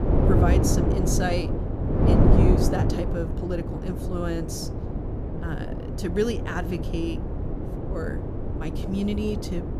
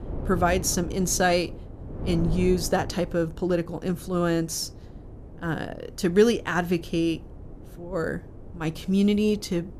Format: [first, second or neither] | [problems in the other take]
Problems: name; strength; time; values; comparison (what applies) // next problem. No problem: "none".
second | wind noise on the microphone; heavy; as loud as the speech; occasional gusts in the second